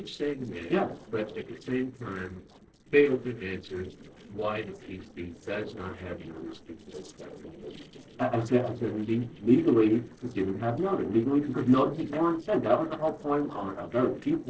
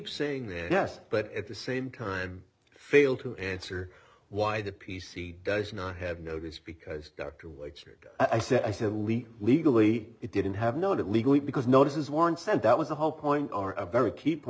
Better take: second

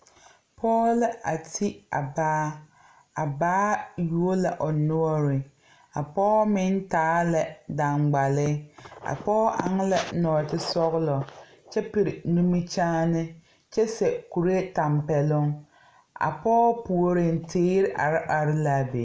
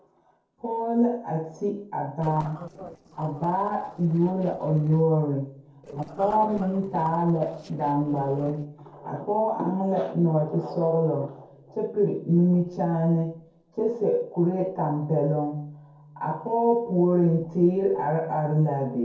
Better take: first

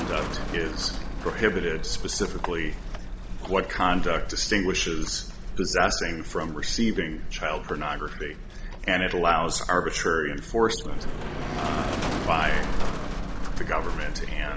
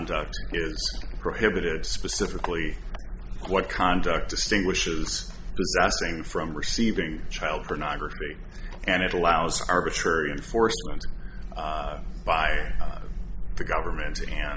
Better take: second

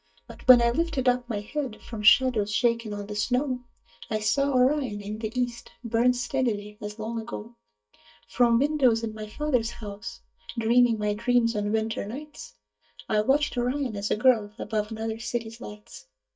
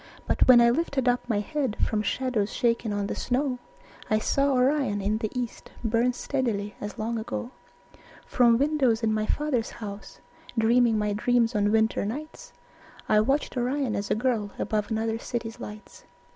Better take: second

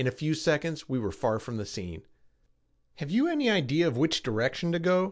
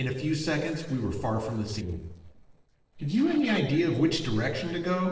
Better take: first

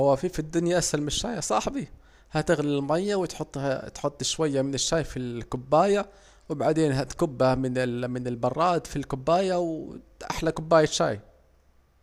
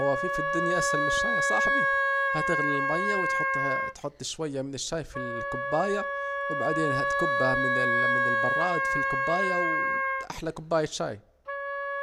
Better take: first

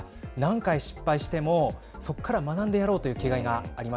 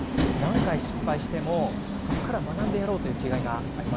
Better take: first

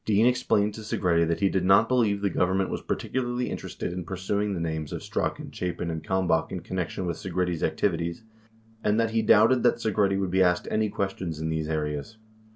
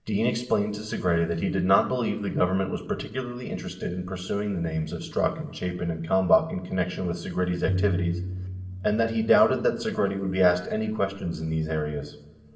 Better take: first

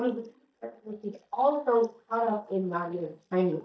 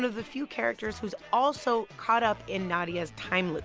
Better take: second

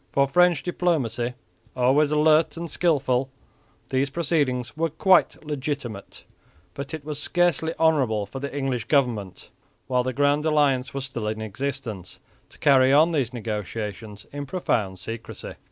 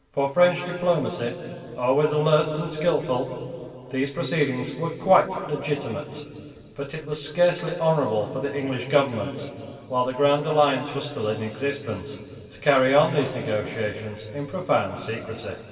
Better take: first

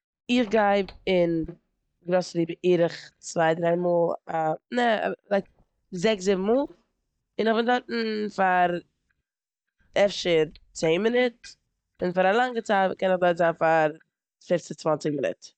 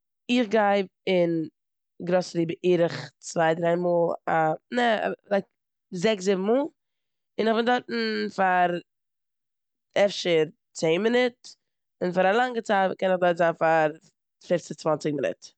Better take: second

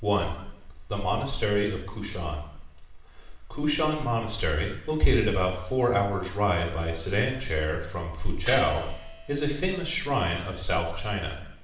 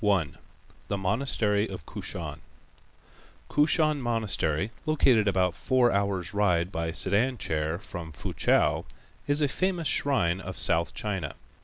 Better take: second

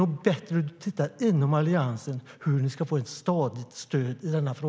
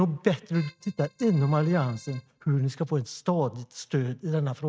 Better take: first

